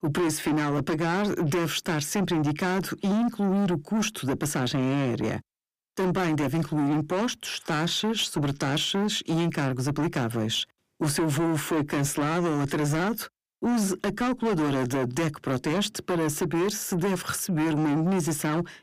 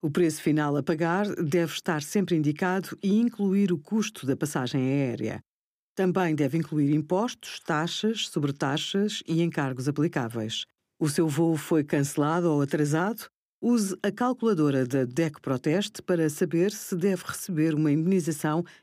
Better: second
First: distortion; heavy; 7 dB below the speech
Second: none

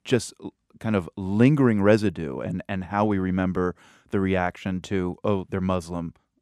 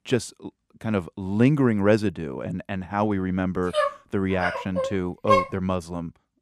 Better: first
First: none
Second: dog barking; loud; from 3.5 to 5.5 s; peak 3 dB above the speech

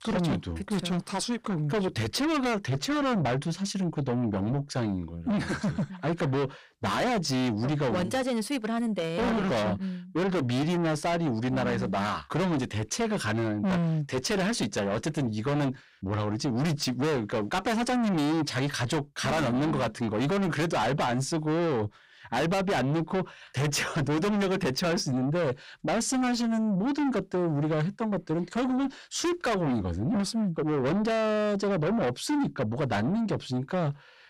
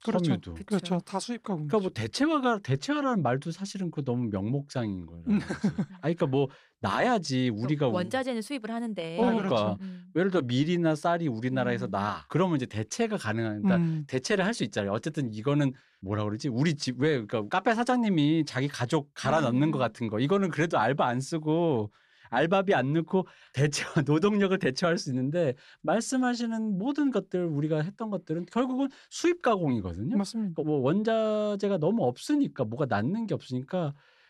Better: second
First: distortion; heavy; 6 dB below the speech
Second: none

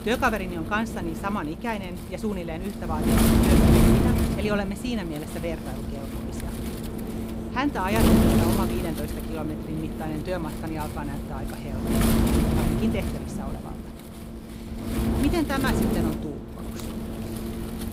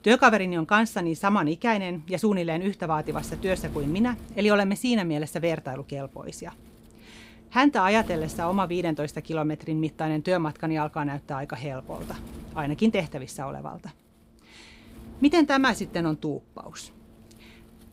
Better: second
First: wind noise on the microphone; heavy; as loud as the speech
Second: wind noise on the microphone; occasional gusts; 25 dB below the speech

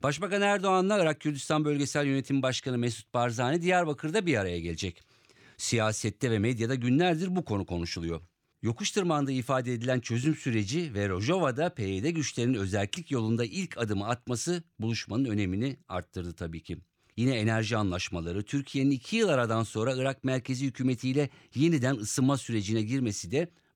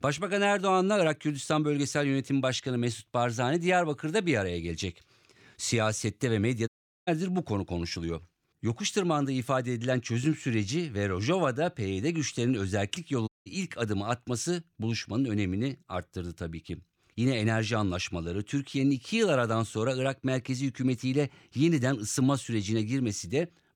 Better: first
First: none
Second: audio cutting out; at 6.5 s and at 13 s

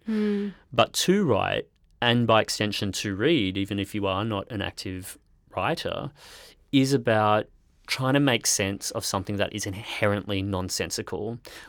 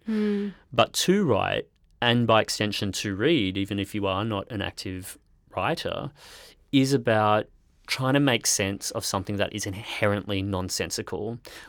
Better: neither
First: none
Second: none

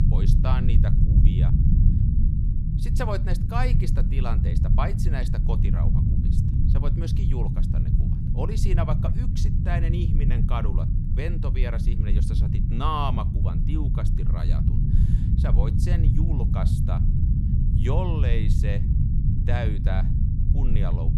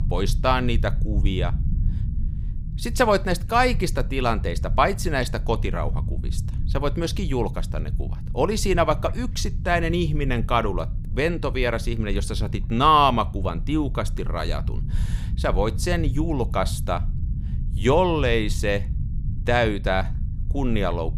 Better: second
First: low rumble; loud; throughout; 3 dB below the speech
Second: low rumble; faint; throughout; 20 dB below the speech

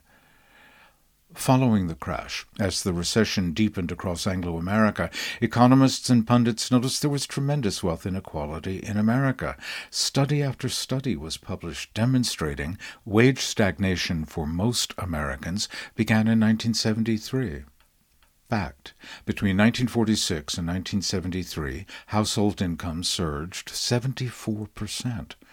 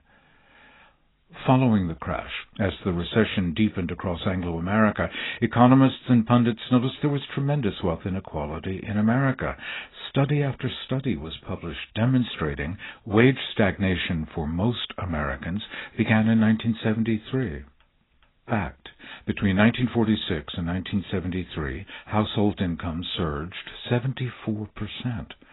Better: first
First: none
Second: garbled, watery; badly; nothing above 4 kHz

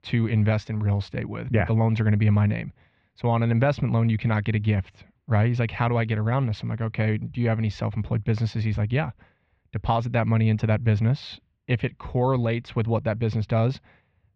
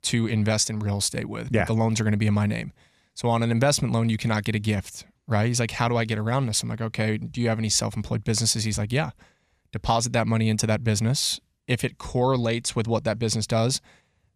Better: second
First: muffled; very; fading above 3 kHz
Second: none

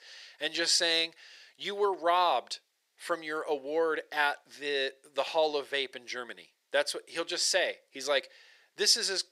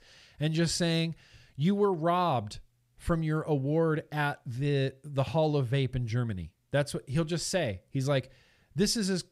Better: second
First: thin; very; fading below 400 Hz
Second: none

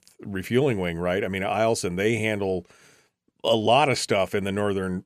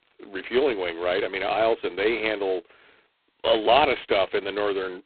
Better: first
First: none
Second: phone-call audio; poor line; nothing above 4 kHz

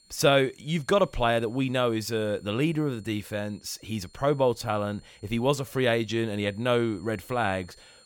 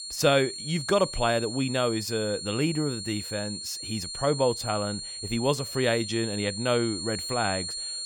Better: first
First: high-pitched whine; faint; throughout; 4.5 kHz, 30 dB below the speech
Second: high-pitched whine; loud; throughout; 4.5 kHz, 6 dB below the speech

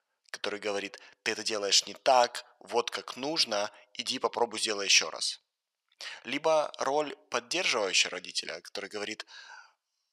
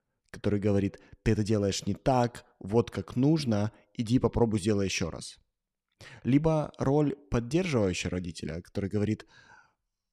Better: second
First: thin; very; fading below 900 Hz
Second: none

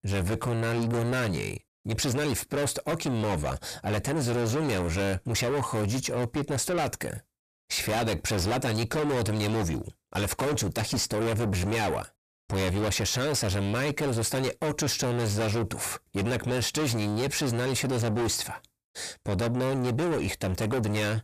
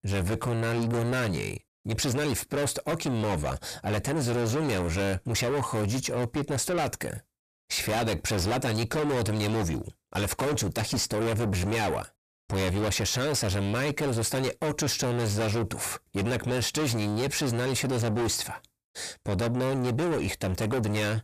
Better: neither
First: distortion; heavy; 5 dB below the speech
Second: distortion; heavy; 5 dB below the speech

